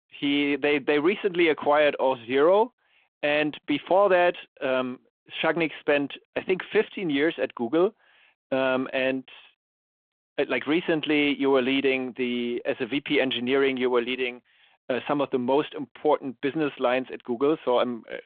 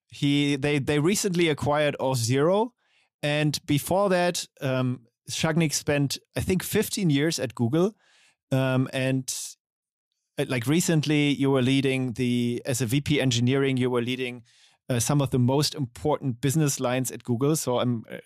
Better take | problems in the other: second | phone-call audio

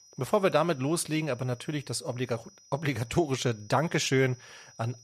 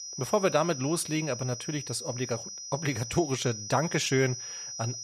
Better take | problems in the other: first | high-pitched whine; loud; throughout; 6 kHz, 8 dB below the speech; faint in the first

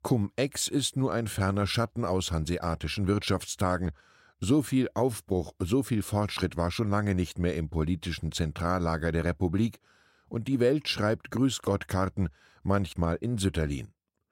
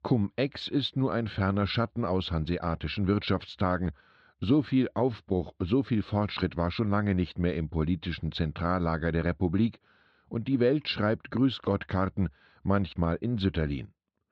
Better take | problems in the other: first | muffled; very slightly; fading above 4 kHz

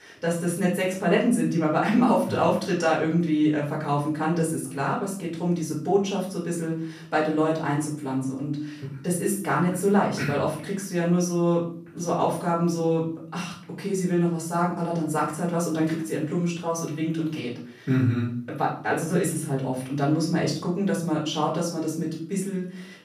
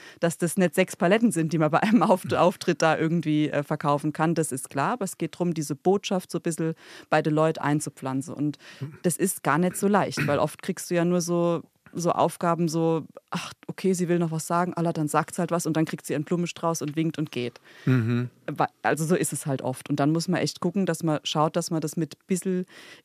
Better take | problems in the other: second | off-mic speech; far // room echo; noticeable; dies away in 0.5 s

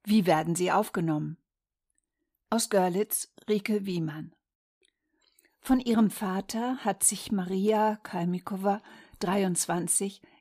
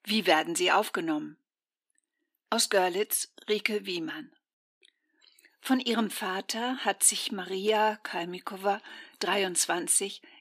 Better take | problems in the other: first | thin; very slightly; fading below 250 Hz

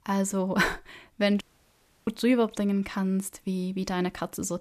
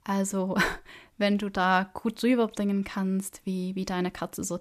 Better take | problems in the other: second | audio cutting out; at 1.5 s for 0.5 s

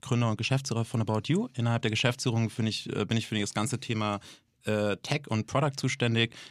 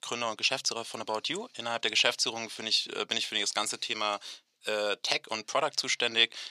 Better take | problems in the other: first | thin; very; fading below 600 Hz

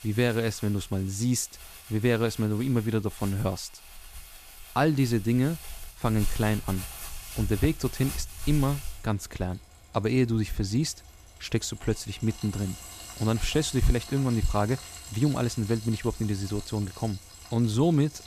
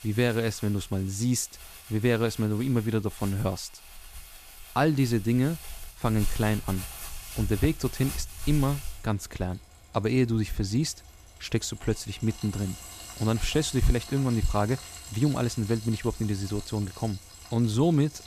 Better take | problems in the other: neither | household noises; noticeable; throughout; 15 dB below the speech; the same in both

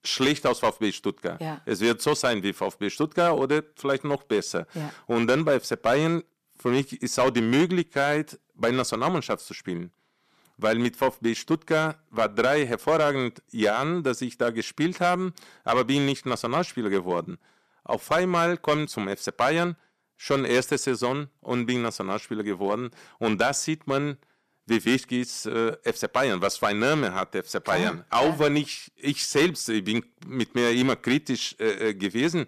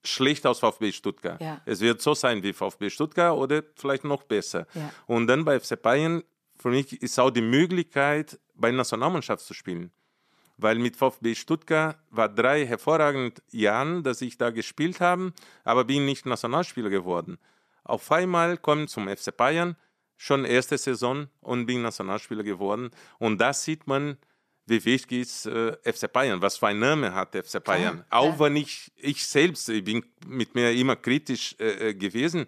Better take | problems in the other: second | distortion; slight; 3% of the sound clipped

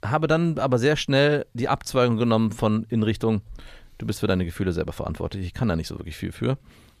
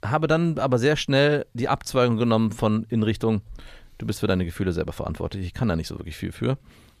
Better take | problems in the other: neither | none

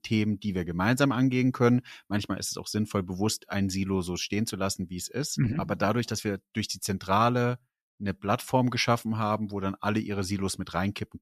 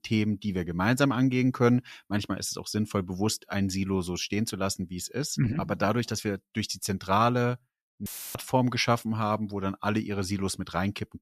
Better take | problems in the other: first | audio cutting out; filled with static; at 8 s

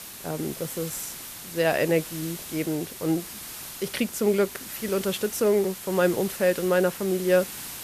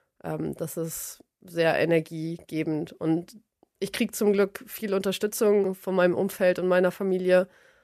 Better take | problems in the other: second | hiss; noticeable; throughout; 10 dB below the speech

